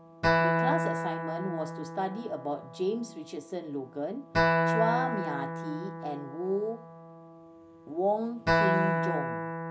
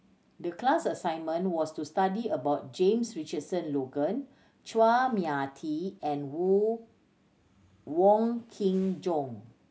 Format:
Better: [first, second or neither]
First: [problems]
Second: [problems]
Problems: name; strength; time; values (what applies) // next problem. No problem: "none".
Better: second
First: background sound (Acoustic guitar); 3 dB above the speech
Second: none